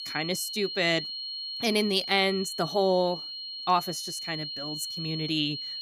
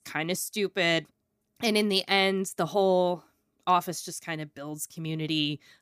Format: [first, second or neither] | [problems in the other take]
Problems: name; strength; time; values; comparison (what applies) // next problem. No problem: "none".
second | high-pitched whine; loud; throughout; 4.5 kHz, 6 dB below the speech